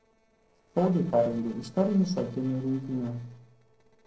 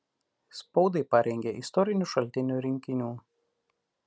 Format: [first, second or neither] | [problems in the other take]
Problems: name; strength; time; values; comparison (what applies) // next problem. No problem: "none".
second | noise reduction (neural separator model SepFormer DNS4)